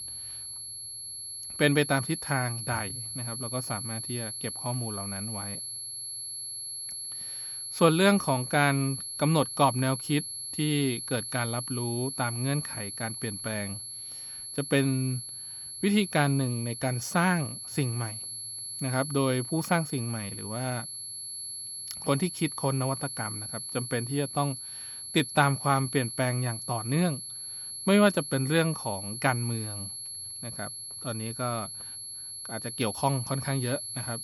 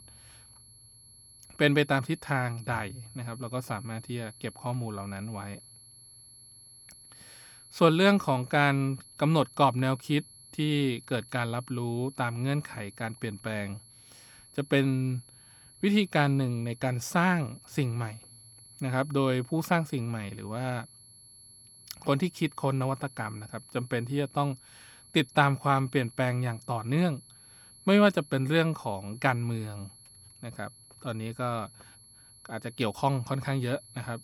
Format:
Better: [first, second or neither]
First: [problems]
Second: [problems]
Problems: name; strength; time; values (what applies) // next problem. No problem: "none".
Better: second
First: high-pitched whine; loud; throughout; 11 kHz, 6 dB below the speech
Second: high-pitched whine; faint; throughout; 11 kHz, 20 dB below the speech